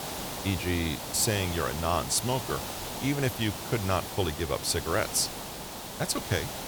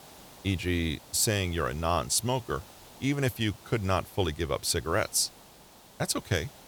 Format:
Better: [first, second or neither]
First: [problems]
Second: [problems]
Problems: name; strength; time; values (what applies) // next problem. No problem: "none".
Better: second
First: hiss; loud; throughout; 6 dB below the speech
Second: hiss; faint; throughout; 20 dB below the speech